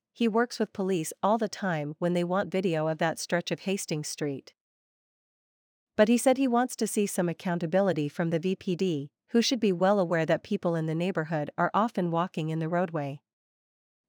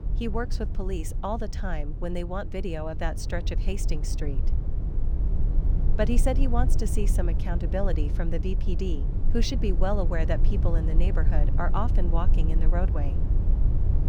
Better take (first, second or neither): first